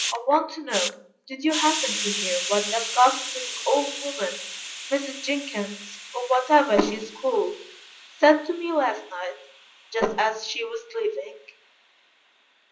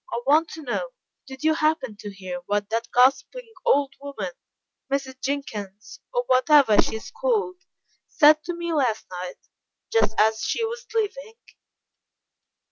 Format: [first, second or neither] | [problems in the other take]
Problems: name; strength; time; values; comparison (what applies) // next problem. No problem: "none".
second | background sound (Hiss); 9 dB below the speech // room echo; dies away in 0.5 s